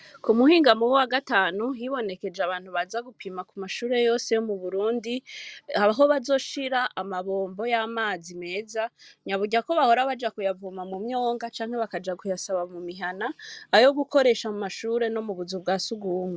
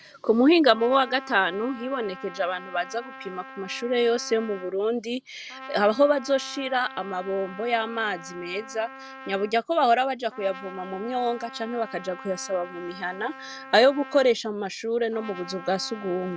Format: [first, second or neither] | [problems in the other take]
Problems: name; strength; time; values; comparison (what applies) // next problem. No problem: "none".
first | background sound (Trumpet); 17 dB below the speech